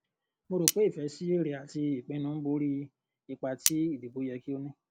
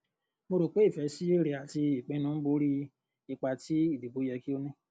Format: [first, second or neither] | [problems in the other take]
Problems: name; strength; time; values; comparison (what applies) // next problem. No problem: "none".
second | background sound (Cutlery, silverware); 3 dB below the speech